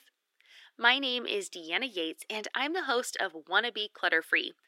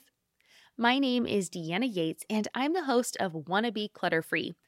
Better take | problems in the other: second | thin; somewhat; fading below 350 Hz

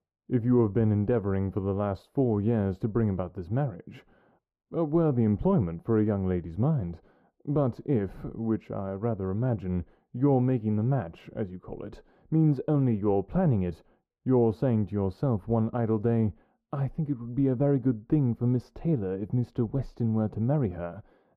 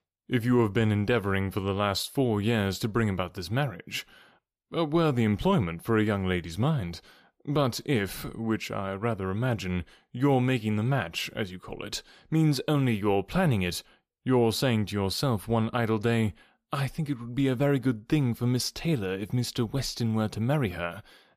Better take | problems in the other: second | muffled; very; fading above 2 kHz

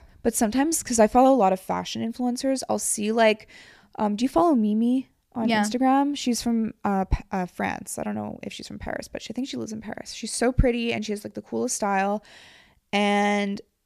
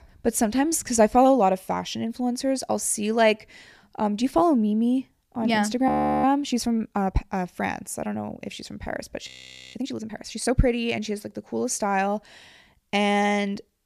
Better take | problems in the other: first | audio freezing; at 6 s and at 9.5 s

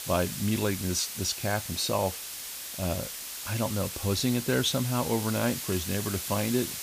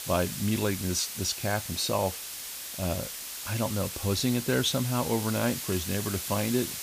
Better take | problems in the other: neither | hiss; loud; throughout; 5 dB below the speech; the same in both

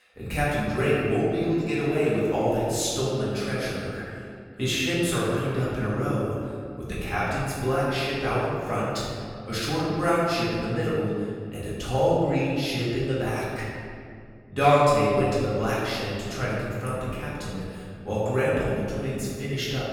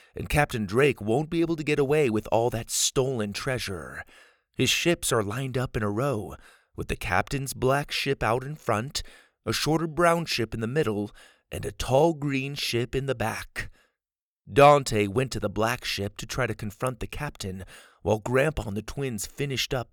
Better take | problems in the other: second | room echo; strong; dies away in 2.1 s // off-mic speech; far

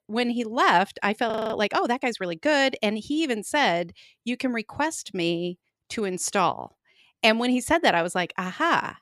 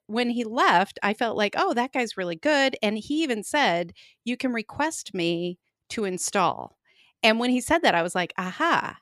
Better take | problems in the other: second | audio freezing; at 1.5 s

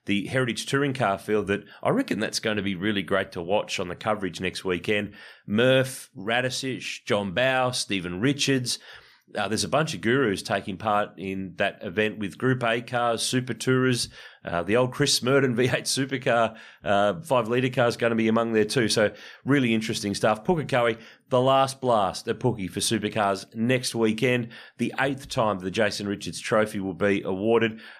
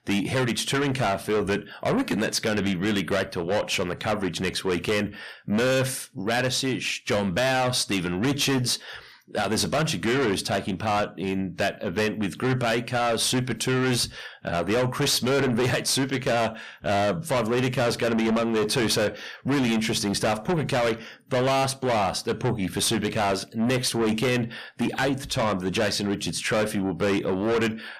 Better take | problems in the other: first | distortion; heavy; 6 dB below the speech

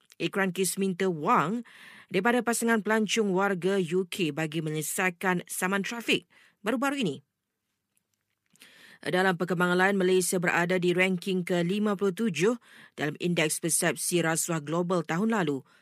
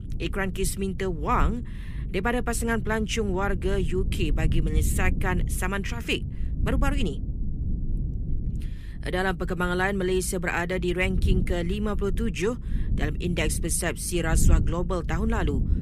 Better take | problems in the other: first | low rumble; noticeable; throughout; 15 dB below the speech

